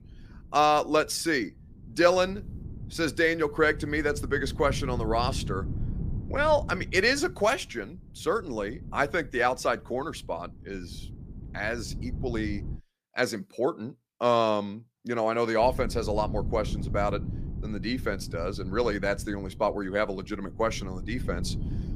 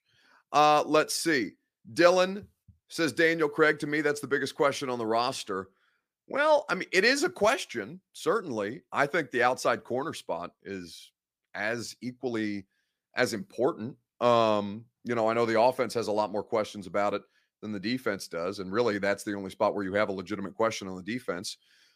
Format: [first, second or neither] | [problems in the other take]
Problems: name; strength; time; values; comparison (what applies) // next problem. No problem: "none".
second | wind noise on the microphone; occasional gusts; until 13 s and from 16 s on; 20 dB below the speech